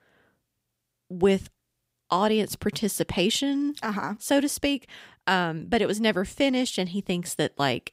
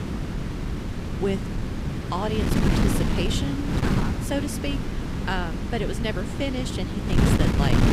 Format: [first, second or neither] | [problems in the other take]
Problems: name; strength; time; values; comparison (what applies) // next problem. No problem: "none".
first | wind noise on the microphone; heavy; as loud as the speech